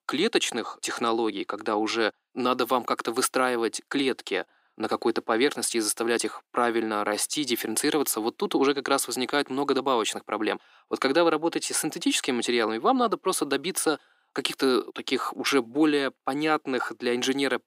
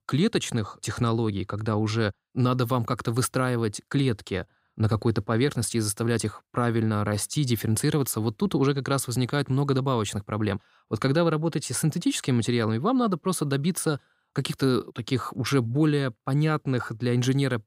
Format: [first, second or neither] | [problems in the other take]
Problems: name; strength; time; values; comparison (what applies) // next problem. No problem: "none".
second | thin; somewhat; fading below 300 Hz